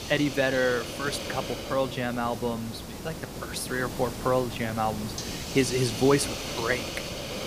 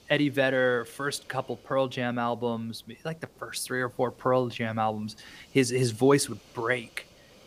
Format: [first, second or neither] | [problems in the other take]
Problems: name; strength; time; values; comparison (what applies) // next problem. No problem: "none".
second | hiss; loud; throughout; 7 dB below the speech; faint in the second